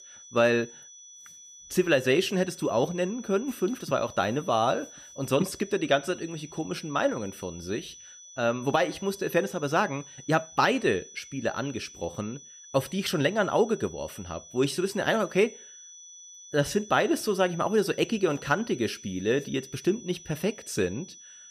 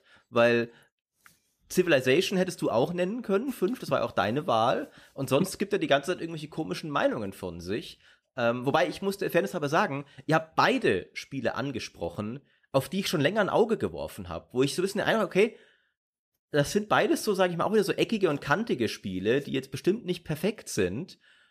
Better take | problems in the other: second | high-pitched whine; noticeable; throughout; 6 kHz, 20 dB below the speech

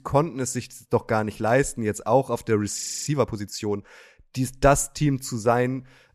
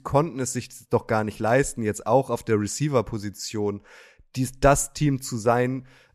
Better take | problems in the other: second | audio freezing; at 3 s

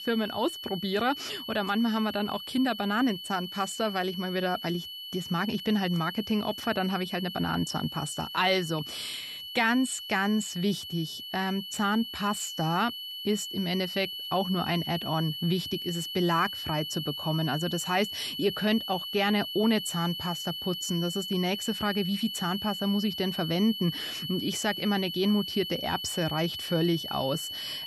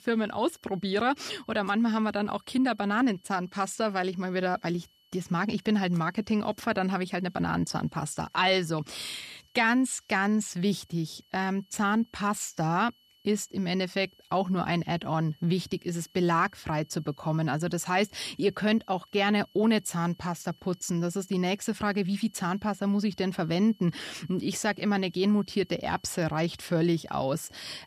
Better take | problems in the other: second | high-pitched whine; loud; throughout; 3 kHz, 6 dB below the speech; faint in the second

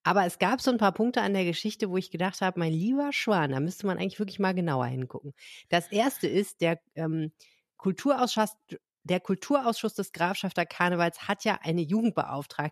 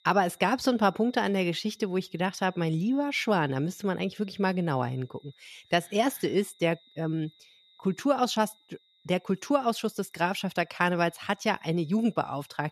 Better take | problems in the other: first | high-pitched whine; faint; throughout; 3.5 kHz, 30 dB below the speech

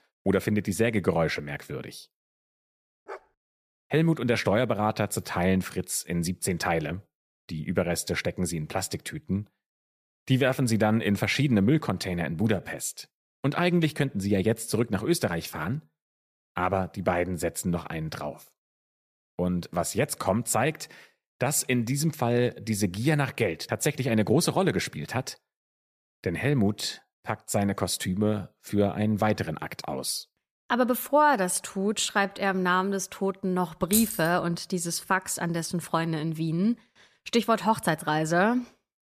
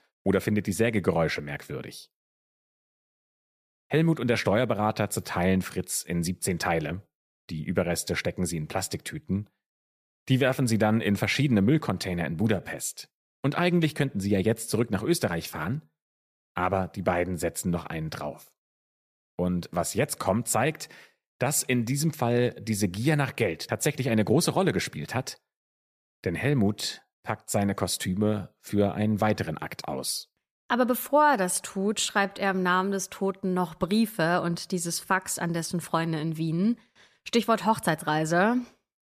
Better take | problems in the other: second | dog barking; faint; at 3 s; peak 15 dB below the speech // jangling keys; noticeable; at 34 s; peak level with the speech

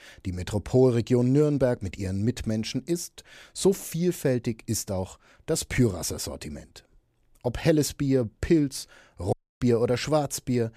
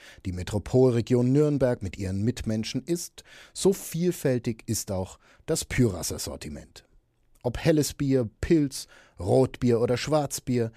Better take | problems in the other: second | audio cutting out; at 9.5 s

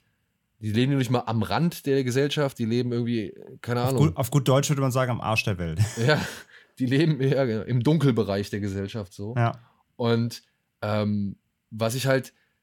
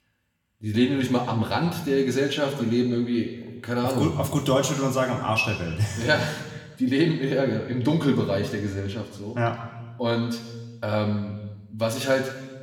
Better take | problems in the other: first | room echo; slight; dies away in 1.2 s // off-mic speech; somewhat distant

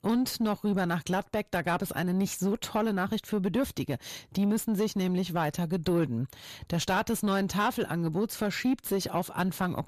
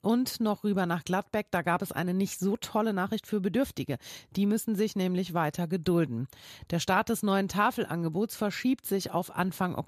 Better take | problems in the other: second | distortion; slight; 10 dB below the speech

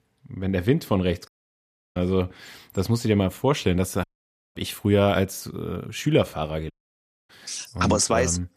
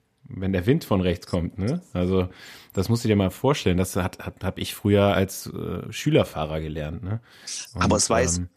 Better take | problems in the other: second | audio cutting out; at 1.5 s for 0.5 s, at 4 s for 0.5 s and at 6.5 s for 0.5 s

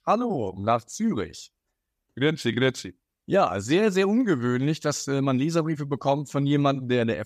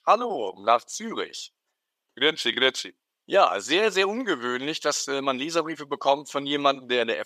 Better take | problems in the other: first | thin; somewhat; fading below 500 Hz

